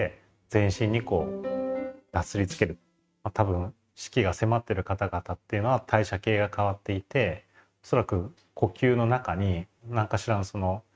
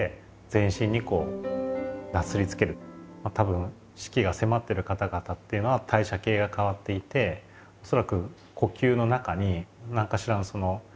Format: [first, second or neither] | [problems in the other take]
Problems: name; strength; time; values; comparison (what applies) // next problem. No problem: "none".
second | noise reduction (neural mask model RNNoise)